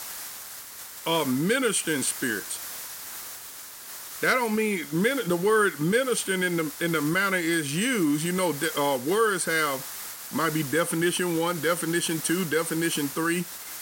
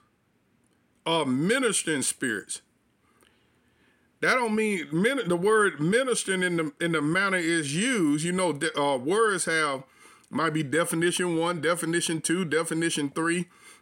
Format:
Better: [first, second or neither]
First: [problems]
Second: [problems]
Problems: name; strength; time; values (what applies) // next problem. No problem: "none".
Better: second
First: hiss; noticeable; throughout; 10 dB below the speech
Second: none